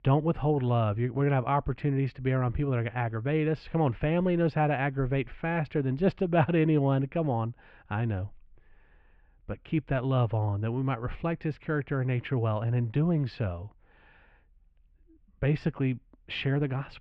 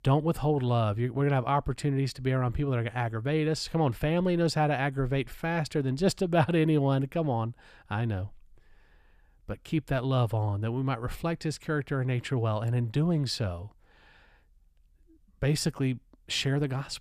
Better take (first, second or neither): second